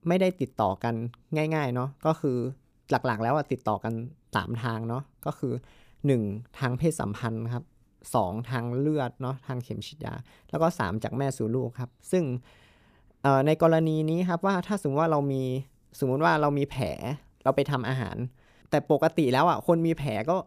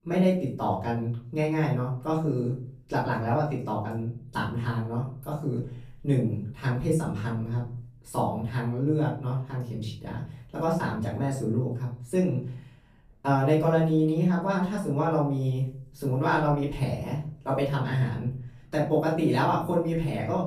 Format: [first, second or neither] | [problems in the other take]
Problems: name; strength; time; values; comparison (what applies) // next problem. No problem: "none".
first | off-mic speech; far // room echo; slight; dies away in 0.4 s